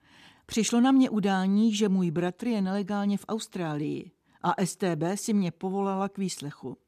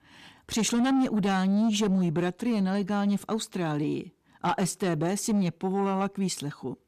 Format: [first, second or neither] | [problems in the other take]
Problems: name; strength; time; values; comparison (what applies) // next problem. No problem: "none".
first | distortion; slight; 10 dB below the speech